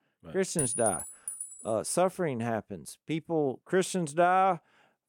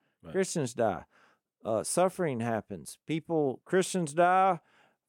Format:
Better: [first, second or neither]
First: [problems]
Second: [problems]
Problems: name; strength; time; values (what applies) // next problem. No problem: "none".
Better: second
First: clattering dishes; loud; from 0.5 to 1.5 s; peak level with the speech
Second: none